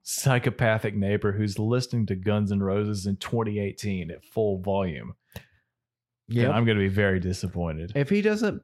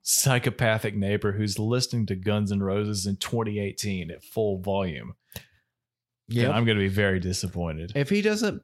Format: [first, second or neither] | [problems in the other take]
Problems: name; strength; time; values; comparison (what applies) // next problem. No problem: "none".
second | muffled; slightly; fading above 3 kHz